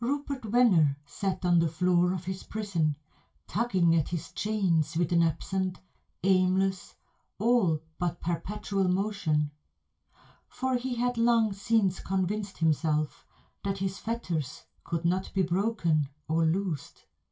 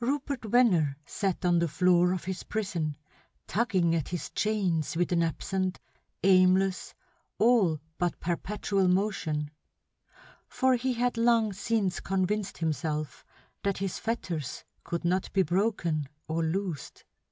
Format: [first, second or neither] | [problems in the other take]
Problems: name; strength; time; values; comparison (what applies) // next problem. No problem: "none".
second | room echo; dies away in 0.2 s